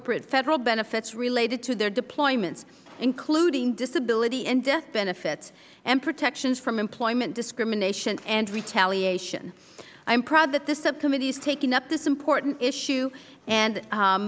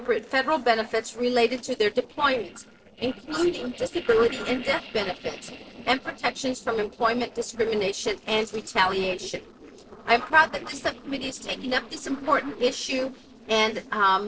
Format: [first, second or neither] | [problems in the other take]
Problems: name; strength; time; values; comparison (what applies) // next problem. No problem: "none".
first | noise reduction (neural separator model SepFormer DNS4)